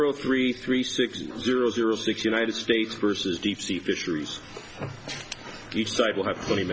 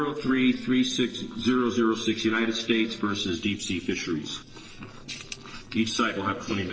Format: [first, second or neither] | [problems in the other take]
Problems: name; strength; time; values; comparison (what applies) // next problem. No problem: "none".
first | noise reduction (neural separator model SepFormer DNS4)